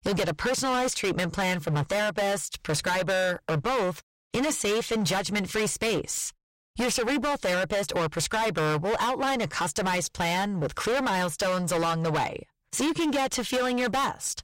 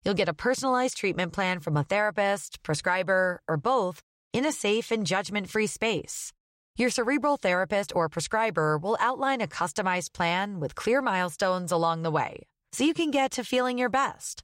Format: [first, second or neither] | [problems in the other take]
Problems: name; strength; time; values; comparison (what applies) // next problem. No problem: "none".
second | distortion; heavy; 27% of the sound clipped